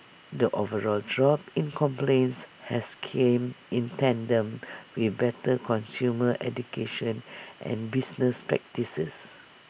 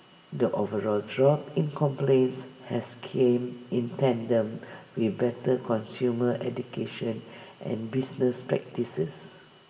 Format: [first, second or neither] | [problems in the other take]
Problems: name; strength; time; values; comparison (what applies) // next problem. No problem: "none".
first | room echo; dies away in 1.4 s